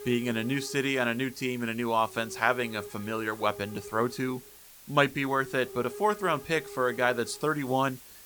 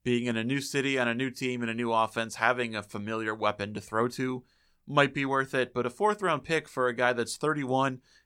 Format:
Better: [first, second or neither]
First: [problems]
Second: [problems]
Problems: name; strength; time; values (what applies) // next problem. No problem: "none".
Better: second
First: hiss; noticeable; throughout; 15 dB below the speech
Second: none